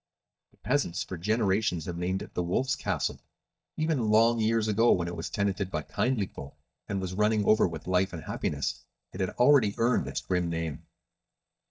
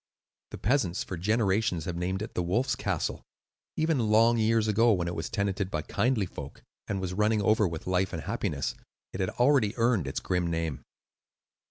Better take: second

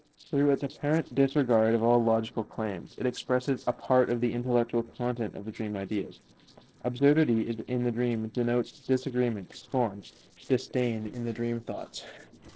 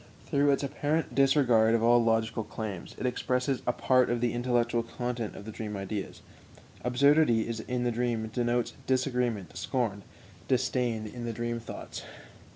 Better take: second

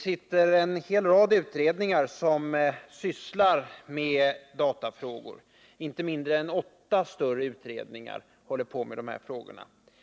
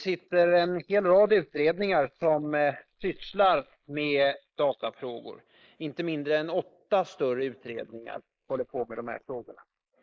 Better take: first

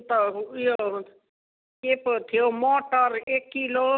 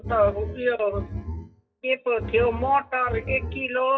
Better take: first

